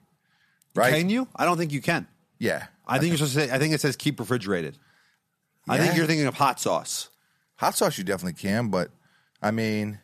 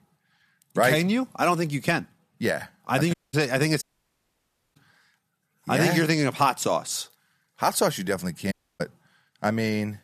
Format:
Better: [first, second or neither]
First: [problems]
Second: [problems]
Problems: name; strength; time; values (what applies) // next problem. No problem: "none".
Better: first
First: none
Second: audio cutting out; at 3 s, at 4 s for 1 s and at 8.5 s